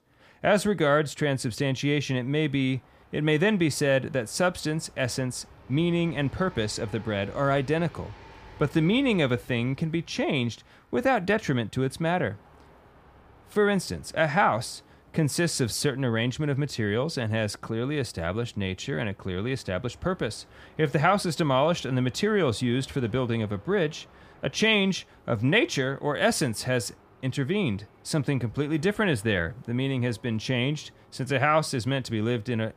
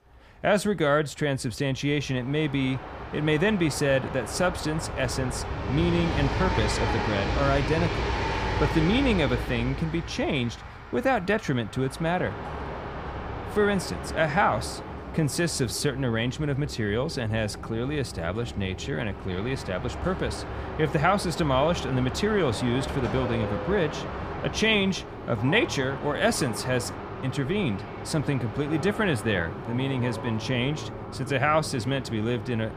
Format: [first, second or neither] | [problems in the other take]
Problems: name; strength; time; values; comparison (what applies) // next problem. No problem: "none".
first | train or aircraft noise; loud; throughout; 7 dB below the speech; faint in the first